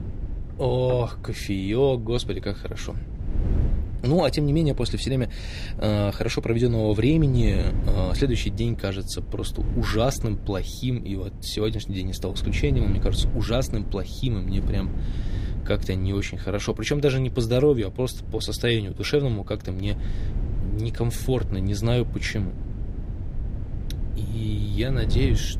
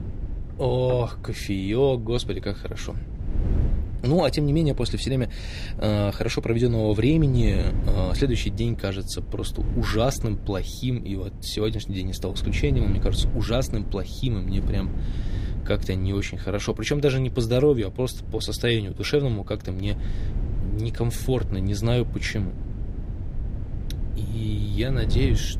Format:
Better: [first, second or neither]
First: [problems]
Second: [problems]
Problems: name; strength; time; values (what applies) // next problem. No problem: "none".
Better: neither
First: wind noise on the microphone; occasional gusts; 15 dB below the speech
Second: wind noise on the microphone; occasional gusts; 15 dB below the speech